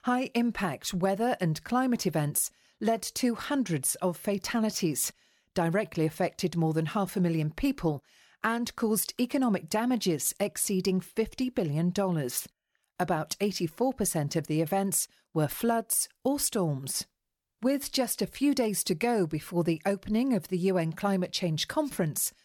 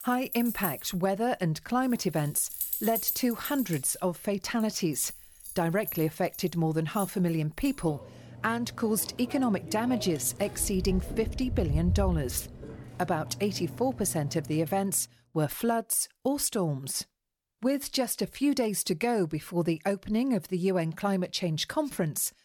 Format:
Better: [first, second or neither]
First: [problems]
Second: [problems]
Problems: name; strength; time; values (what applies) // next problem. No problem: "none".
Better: first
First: none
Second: household noises; loud; until 15 s; 8 dB below the speech